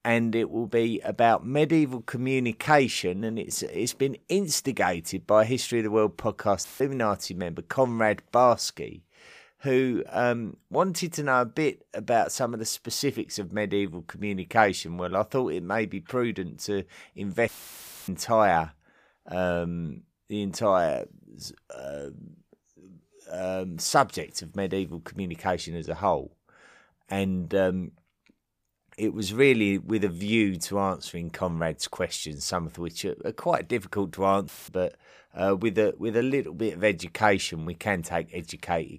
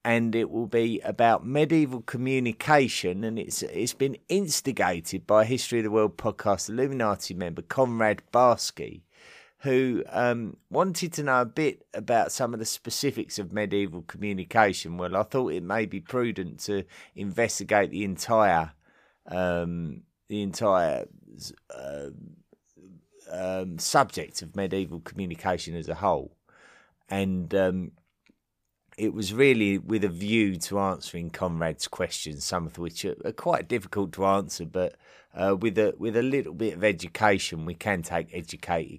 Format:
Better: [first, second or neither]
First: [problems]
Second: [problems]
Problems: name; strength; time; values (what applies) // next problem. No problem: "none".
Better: second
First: audio cutting out; filled with static; at 6.5 s, at 17 s for 0.5 s and at 34 s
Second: none